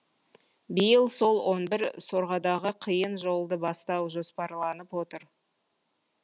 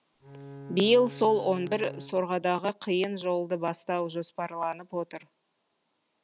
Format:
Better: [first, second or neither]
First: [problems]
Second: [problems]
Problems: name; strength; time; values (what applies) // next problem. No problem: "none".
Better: first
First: none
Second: background sound (Bowed string instrument); 15 dB below the speech